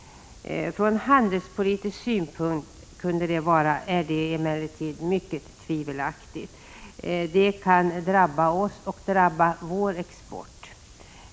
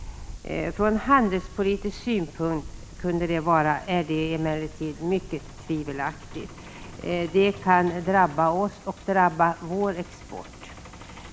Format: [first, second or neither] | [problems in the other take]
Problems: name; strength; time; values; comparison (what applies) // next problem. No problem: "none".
first | background sound (Truck); 16 dB below the speech